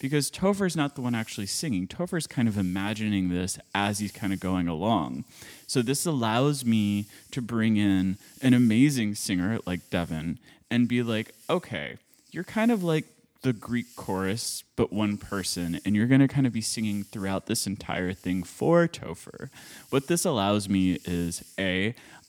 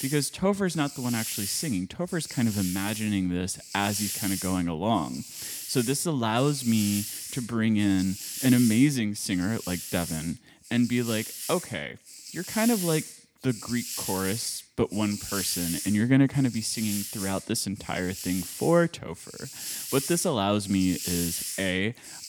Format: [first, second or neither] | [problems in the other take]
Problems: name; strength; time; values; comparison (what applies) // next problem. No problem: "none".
first | hiss; loud; throughout; 7 dB below the speech; faint in the first